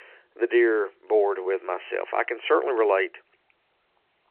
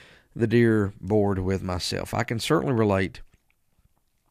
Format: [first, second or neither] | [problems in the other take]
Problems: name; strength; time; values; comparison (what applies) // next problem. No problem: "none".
second | phone-call audio